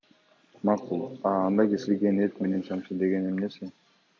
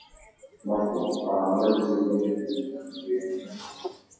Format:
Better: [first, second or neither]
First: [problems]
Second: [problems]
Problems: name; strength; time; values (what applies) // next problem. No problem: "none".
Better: first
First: none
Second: noise reduction (classical method WPE with log-MMSE)